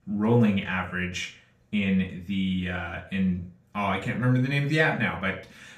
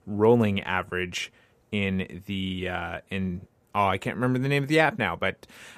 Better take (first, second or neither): second